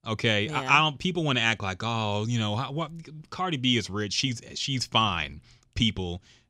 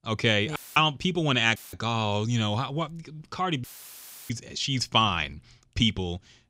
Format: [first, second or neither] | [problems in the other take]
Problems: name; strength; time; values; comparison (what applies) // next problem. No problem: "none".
first | audio cutting out; filled with static; at 0.5 s, at 1.5 s and at 3.5 s for 0.5 s